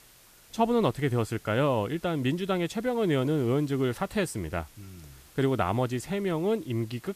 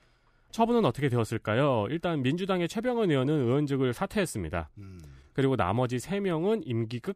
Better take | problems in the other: second | hiss; faint; throughout; 25 dB below the speech

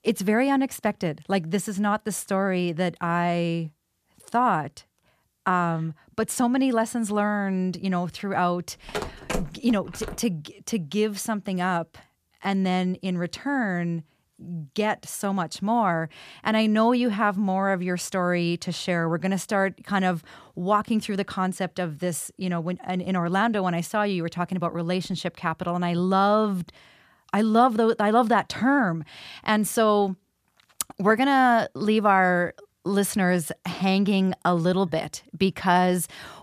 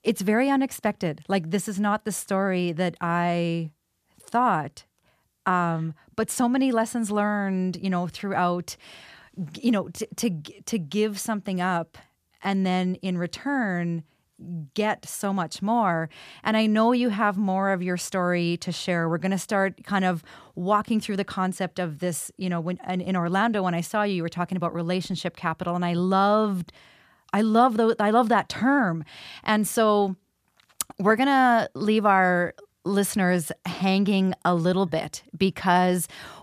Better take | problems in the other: second | phone ringing; noticeable; from 9 to 10 s; peak 7 dB below the speech

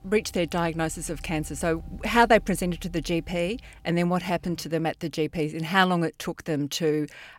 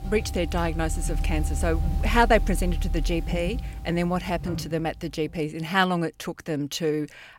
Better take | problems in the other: first | household noises; loud; throughout; 4 dB below the speech; faint in the first

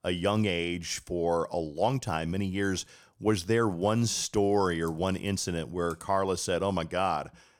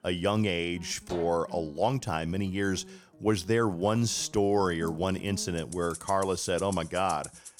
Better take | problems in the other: first | background music; noticeable; throughout; 15 dB below the speech

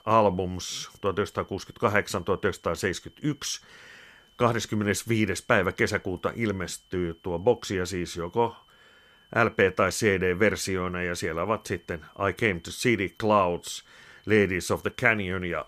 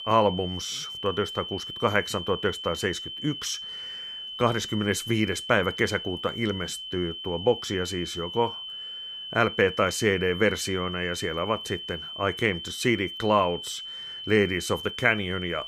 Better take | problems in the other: first | high-pitched whine; loud; throughout; 3 kHz, 8 dB below the speech; faint in the first

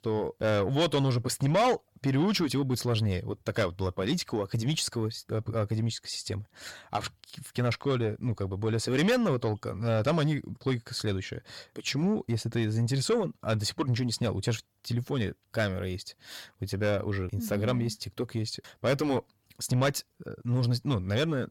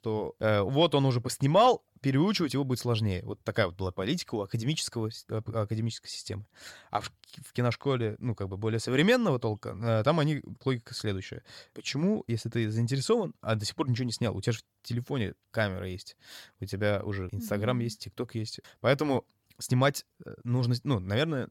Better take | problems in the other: second | distortion; slight; 10 dB below the speech

